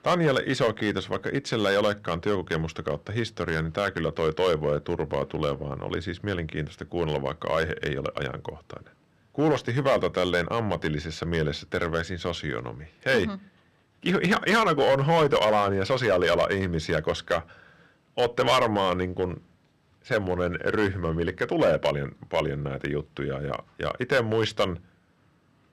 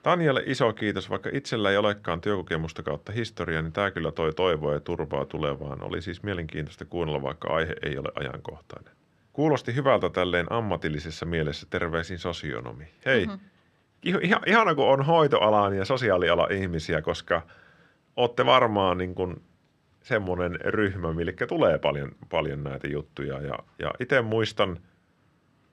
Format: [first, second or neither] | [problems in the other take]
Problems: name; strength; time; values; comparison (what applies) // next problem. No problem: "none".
second | distortion; slight; 3% of the sound clipped